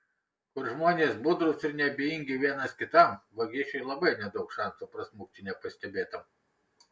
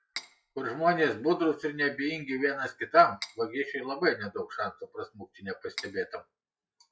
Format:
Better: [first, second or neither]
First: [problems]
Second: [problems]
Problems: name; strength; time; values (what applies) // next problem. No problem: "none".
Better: first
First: none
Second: noise reduction (classical method log-MMSE)